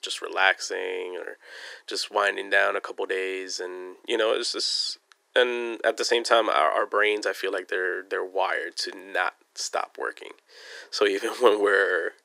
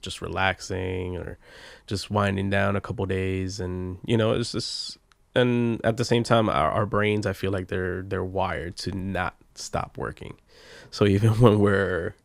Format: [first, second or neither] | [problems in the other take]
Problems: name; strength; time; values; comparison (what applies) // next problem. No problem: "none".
second | thin; very; fading below 350 Hz